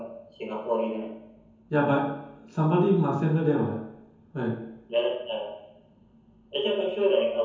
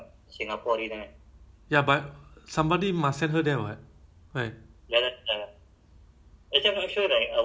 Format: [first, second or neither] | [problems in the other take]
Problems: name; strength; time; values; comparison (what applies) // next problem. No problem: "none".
second | room echo; dies away in 0.9 s